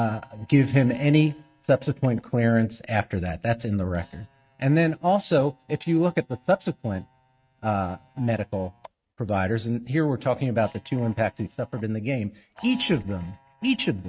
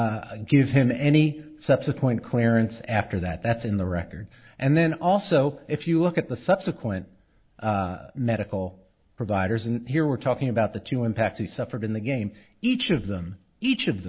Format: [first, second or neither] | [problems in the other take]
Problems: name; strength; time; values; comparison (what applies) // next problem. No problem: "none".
second | noise reduction (neural mask model RNNoise)